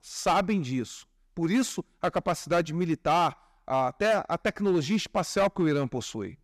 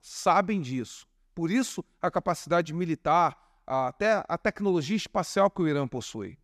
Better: second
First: distortion; slight; 5% of the sound clipped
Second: none

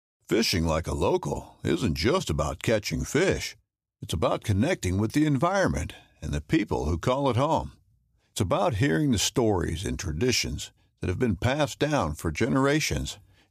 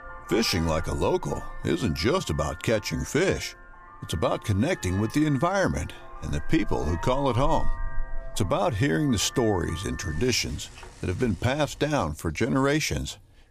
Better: first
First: none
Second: traffic noise; noticeable; throughout; 15 dB below the speech

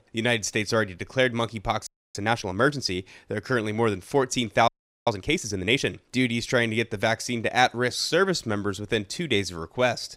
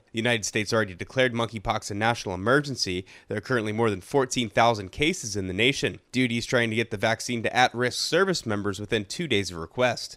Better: second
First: audio freezing; at 2 s and at 4.5 s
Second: none

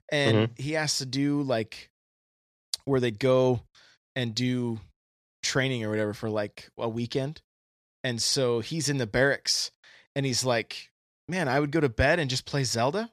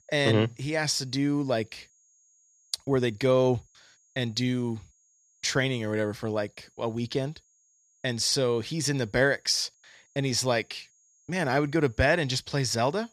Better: first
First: none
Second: high-pitched whine; faint; throughout; 6.5 kHz, 35 dB below the speech

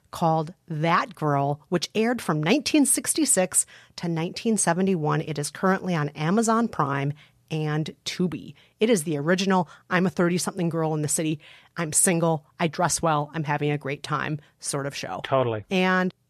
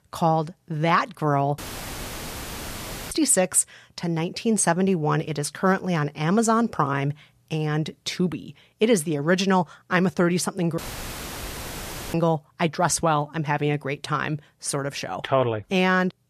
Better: first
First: none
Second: audio cutting out; filled with static; at 1.5 s for 1.5 s and at 11 s for 1.5 s

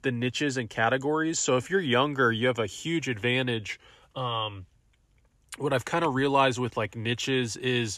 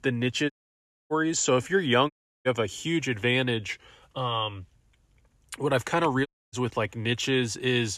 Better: first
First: none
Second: audio cutting out; at 0.5 s for 0.5 s, at 2 s and at 6.5 s

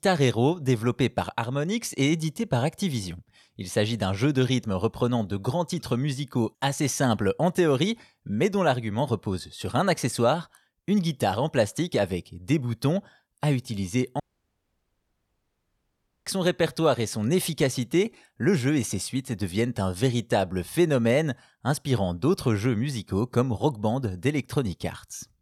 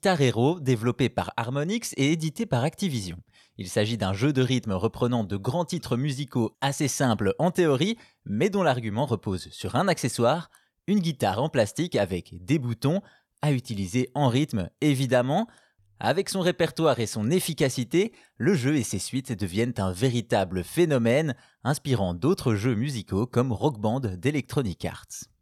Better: second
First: audio cutting out; at 14 s for 2 s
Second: none

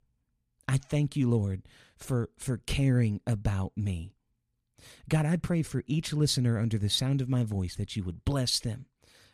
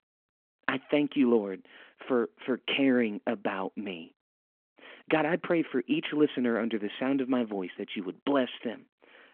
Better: first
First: none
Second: phone-call audio

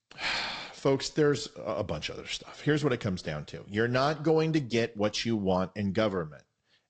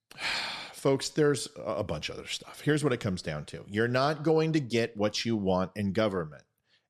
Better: second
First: garbled, watery; slightly; nothing above 8 kHz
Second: none

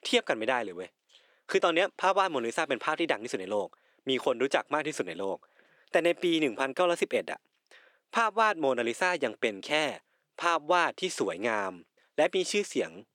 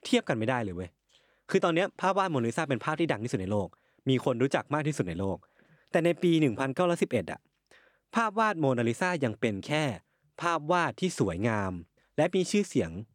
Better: second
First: thin; somewhat; fading below 450 Hz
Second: none

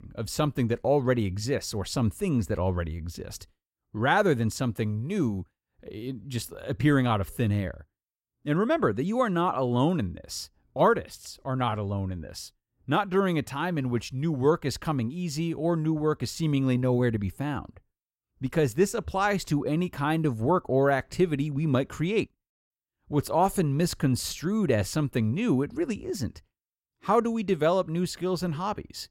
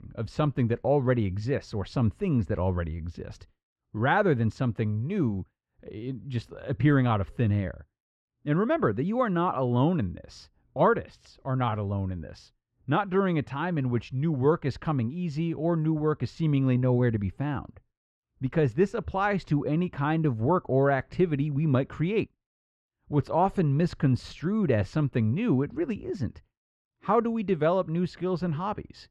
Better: first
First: none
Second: muffled; slightly; fading above 3 kHz

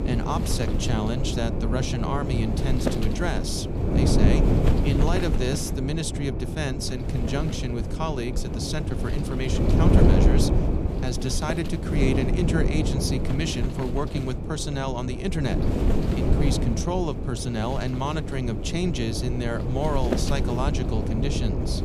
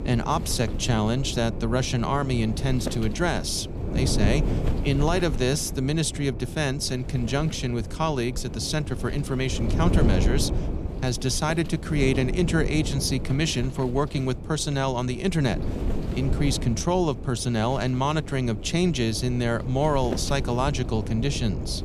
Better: second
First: wind noise on the microphone; heavy; 1 dB below the speech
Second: wind noise on the microphone; occasional gusts; 10 dB below the speech

